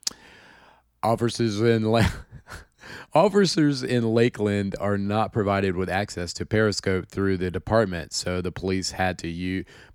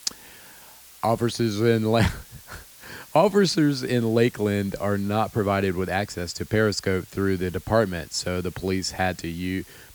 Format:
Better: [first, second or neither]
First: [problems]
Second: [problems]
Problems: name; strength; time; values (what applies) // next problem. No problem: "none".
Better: first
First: none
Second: hiss; faint; throughout; 20 dB below the speech